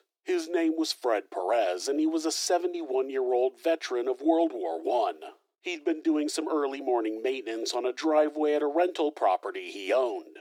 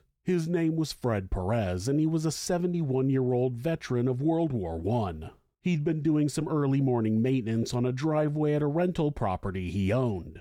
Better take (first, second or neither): second